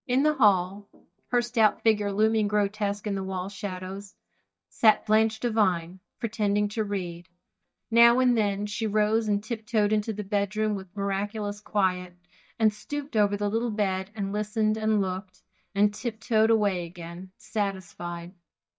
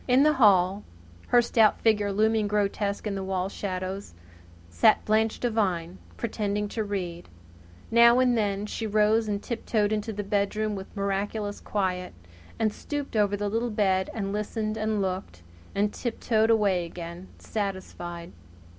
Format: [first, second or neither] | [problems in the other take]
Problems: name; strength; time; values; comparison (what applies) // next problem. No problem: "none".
second | noise reduction (neural mask model DeepFilterNet 3)